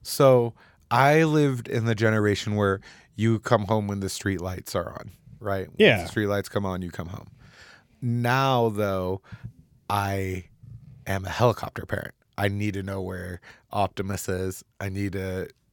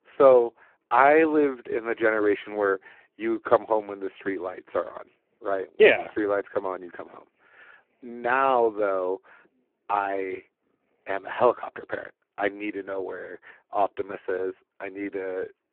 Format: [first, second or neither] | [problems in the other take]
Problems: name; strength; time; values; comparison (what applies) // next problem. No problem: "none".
first | phone-call audio; poor line